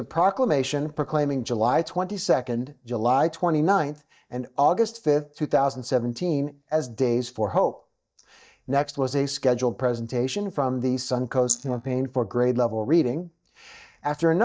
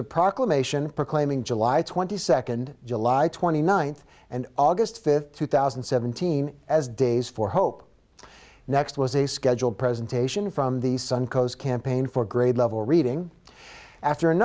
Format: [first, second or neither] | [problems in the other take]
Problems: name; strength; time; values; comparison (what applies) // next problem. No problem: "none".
second | noise reduction (neural mask model DeepFilterNet 3)